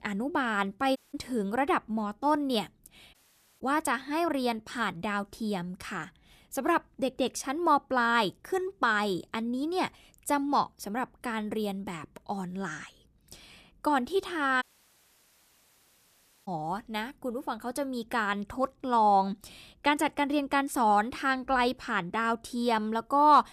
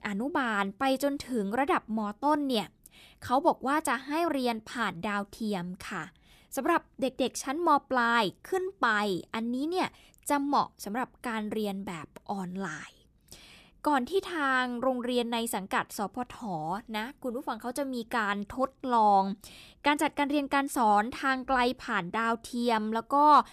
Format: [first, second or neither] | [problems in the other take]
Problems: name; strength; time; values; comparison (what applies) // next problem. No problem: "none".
second | audio cutting out; at 1 s, at 3 s and at 15 s for 2 s